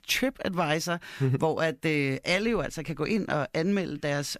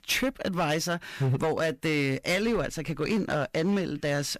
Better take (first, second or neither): first